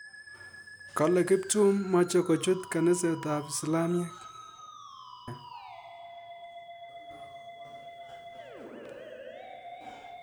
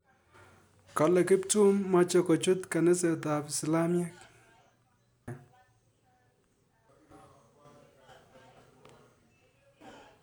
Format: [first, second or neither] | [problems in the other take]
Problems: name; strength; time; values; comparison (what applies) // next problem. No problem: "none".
second | background sound (Musical instrument); 15 dB below the speech